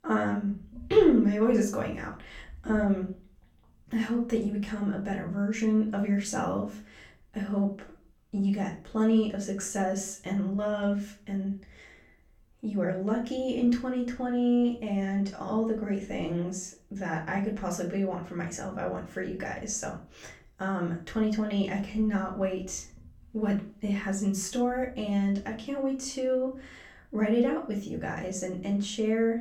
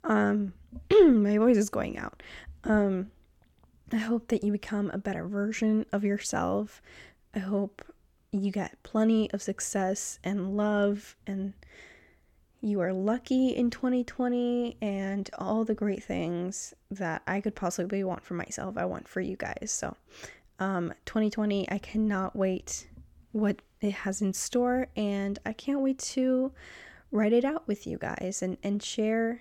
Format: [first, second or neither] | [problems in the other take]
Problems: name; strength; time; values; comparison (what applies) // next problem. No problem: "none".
second | room echo; slight; dies away in 0.3 s // off-mic speech; far